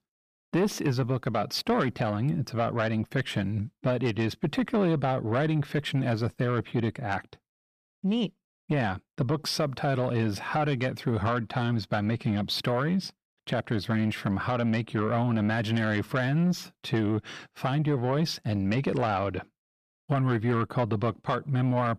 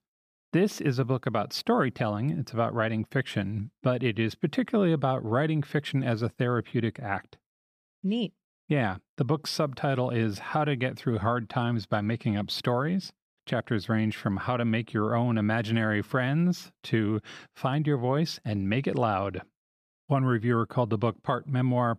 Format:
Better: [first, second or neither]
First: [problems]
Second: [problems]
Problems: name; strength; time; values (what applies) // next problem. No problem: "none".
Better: second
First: distortion; slight; 10 dB below the speech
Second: none